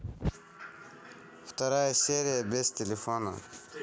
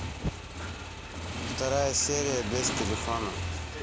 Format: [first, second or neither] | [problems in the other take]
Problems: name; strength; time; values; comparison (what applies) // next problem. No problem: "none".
first | background sound (Motorcycle / Engine); 3 dB below the speech